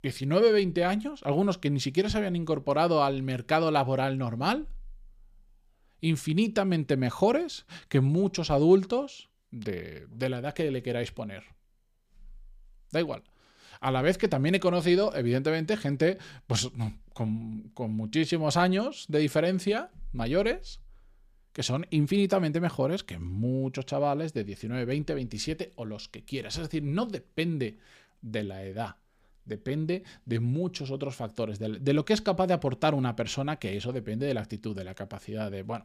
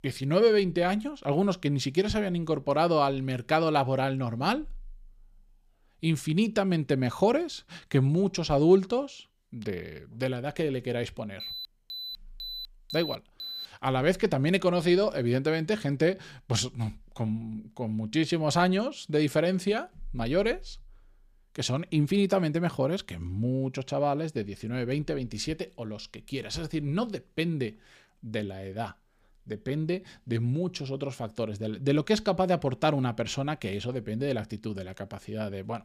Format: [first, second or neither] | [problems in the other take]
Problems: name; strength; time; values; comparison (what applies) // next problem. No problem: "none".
first | alarm; noticeable; from 11 to 14 s; peak 8 dB below the speech